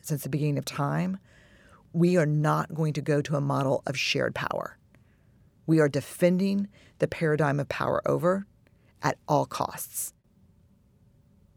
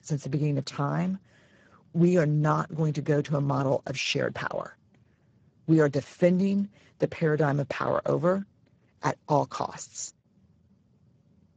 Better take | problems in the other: first | garbled, watery; badly; nothing above 7.5 kHz

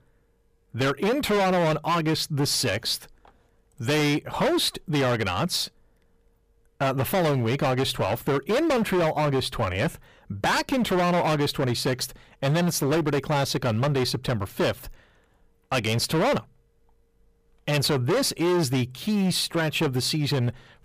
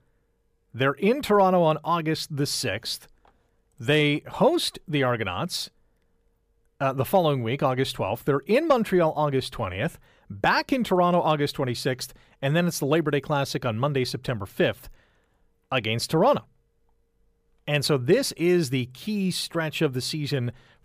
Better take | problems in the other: second | distortion; heavy; 18% of the sound clipped

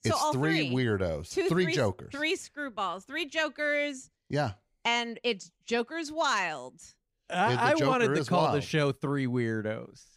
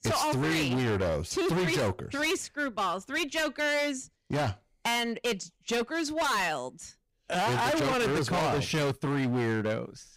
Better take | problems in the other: first | distortion; heavy; 27% of the sound clipped

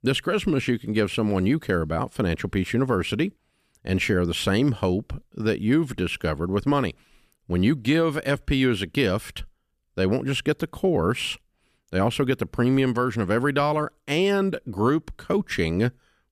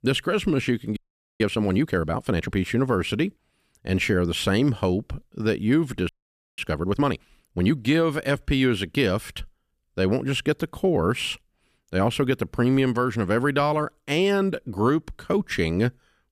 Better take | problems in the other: first | audio freezing; at 1 s and at 6 s

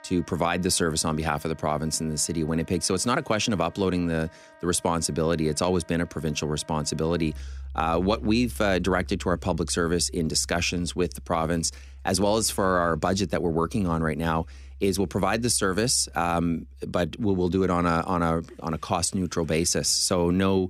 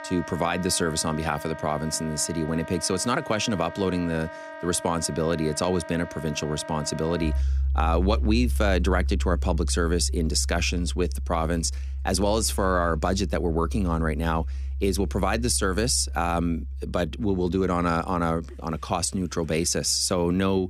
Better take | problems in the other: first | background music; loud; throughout; 7 dB below the speech; faint in the first

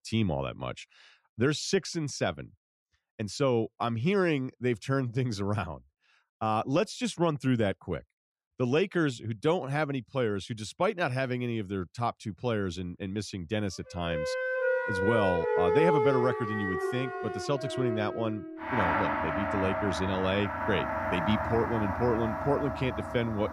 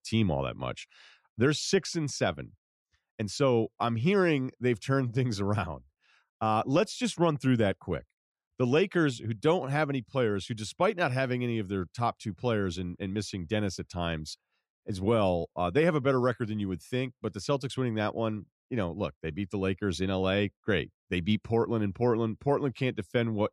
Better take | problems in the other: second | background music; loud; from 14 s on; 1 dB below the speech

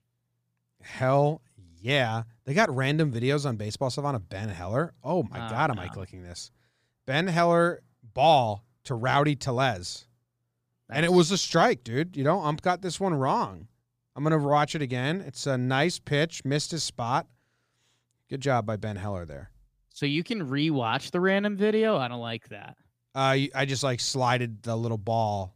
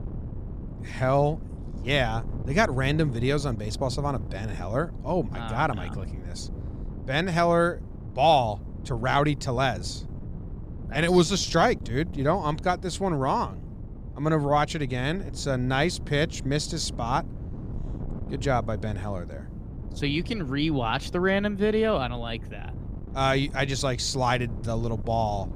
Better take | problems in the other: first | wind noise on the microphone; occasional gusts; 20 dB below the speech

